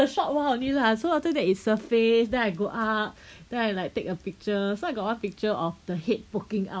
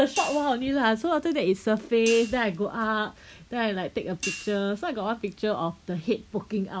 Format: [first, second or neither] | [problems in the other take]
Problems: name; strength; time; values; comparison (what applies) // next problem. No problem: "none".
first | background sound (Hi-hat); 14 dB below the speech